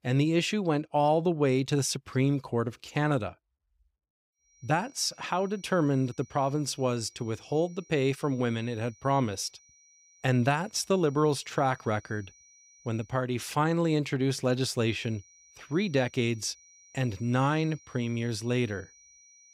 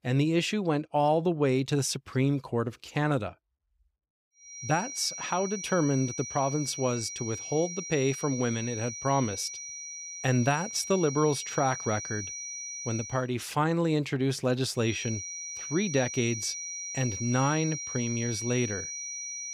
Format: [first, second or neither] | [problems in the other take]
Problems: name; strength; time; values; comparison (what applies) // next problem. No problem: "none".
first | high-pitched whine; loud; from 4.5 to 13 s and from 15 s on; 6 kHz, 7 dB below the speech; faint in the first